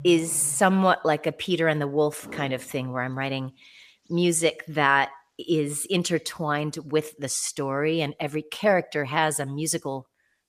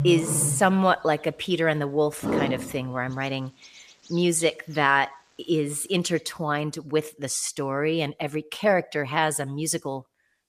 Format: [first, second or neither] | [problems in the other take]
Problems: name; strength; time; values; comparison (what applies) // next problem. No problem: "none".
first | animal sounds; loud; until 6 s; 6 dB below the speech; faint in the first